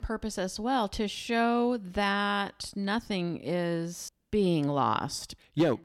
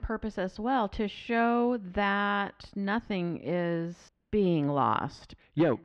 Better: first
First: none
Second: muffled; slightly; fading above 2 kHz

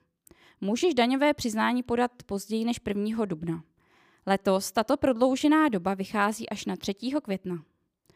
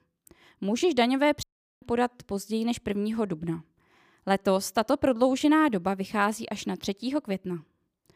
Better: first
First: none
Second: audio cutting out; at 1.5 s

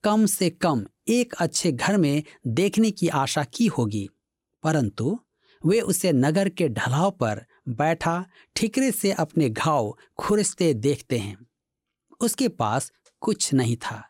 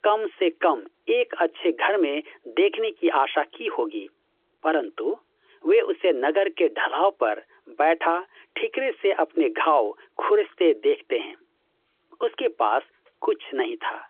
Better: first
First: none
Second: phone-call audio; nothing above 3.5 kHz

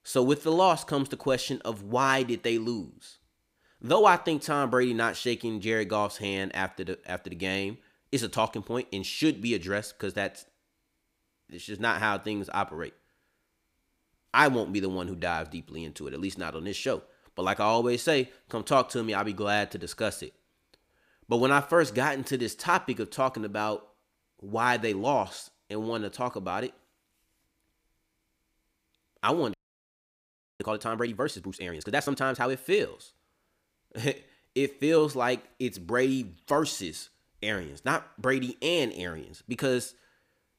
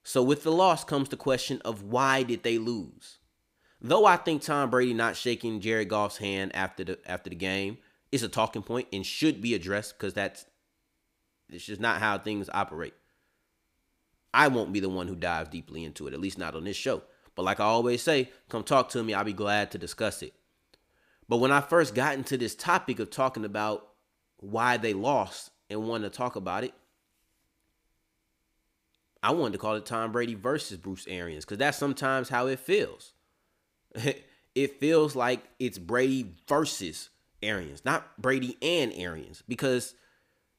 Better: second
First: audio freezing; at 30 s for 1 s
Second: none

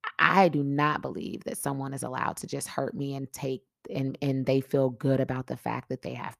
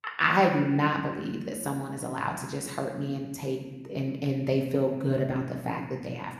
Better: first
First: none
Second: room echo; noticeable; dies away in 1.1 s // off-mic speech; somewhat distant

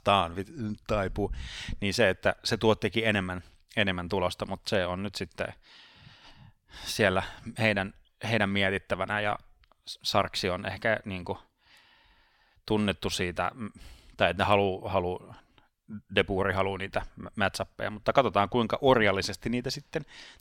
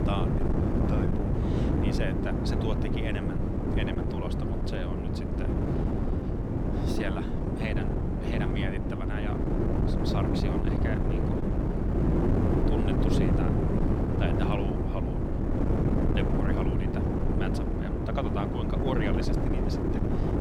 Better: first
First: none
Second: wind noise on the microphone; heavy; 4 dB above the speech

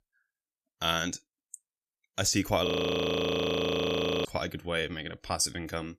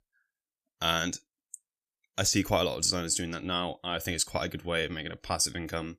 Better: second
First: audio freezing; at 2.5 s for 1.5 s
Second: none

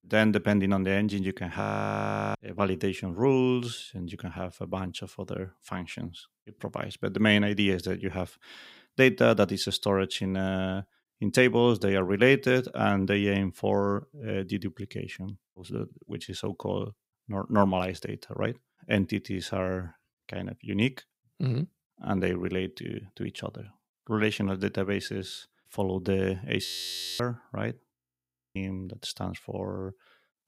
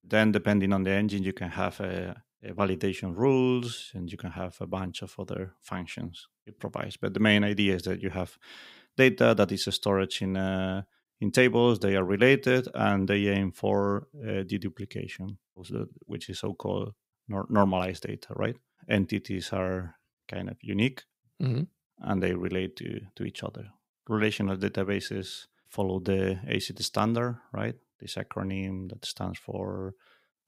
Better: second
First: audio freezing; at 1.5 s for 0.5 s, at 27 s for 0.5 s and at 28 s for 0.5 s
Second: none

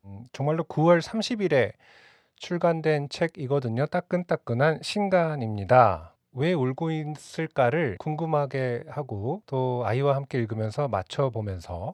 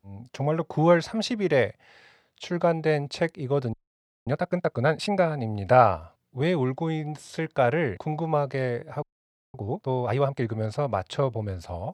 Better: first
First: none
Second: audio freezing; at 3.5 s for 0.5 s and at 9 s for 0.5 s

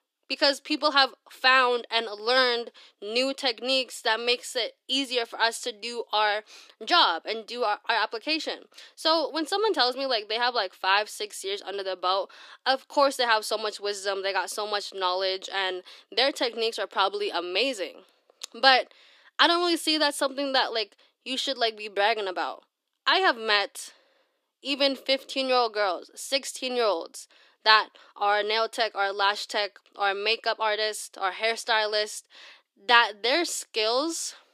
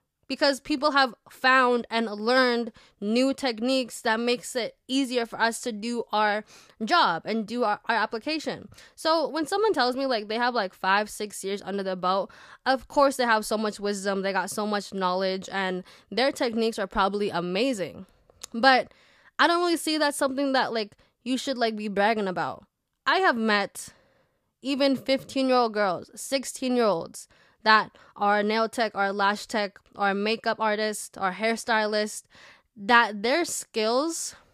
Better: second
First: thin; somewhat; fading below 300 Hz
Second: none

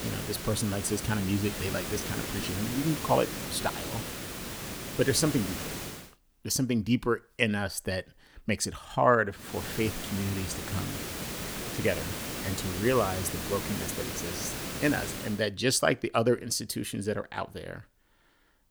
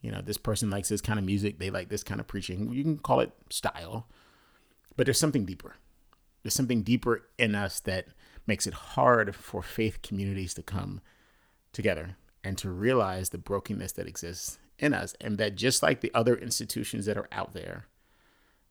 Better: second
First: hiss; loud; until 6 s and from 9.5 to 15 s; 5 dB below the speech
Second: none

